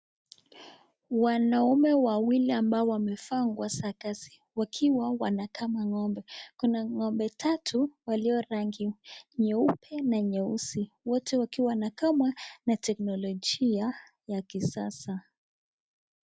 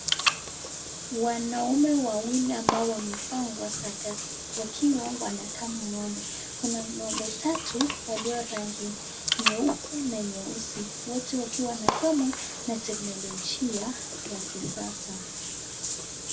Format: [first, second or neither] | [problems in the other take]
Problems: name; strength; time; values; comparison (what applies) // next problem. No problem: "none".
first | background sound (Bathtub (filling or washing) / Water); 2 dB below the speech // room echo; dies away in 0.2 s